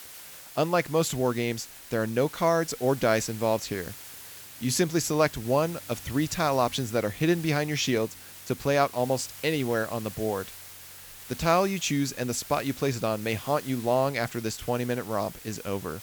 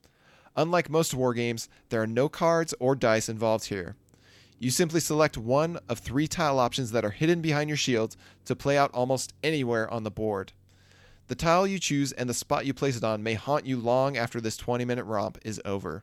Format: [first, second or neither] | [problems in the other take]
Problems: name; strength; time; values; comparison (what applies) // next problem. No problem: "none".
second | hiss; noticeable; throughout; 15 dB below the speech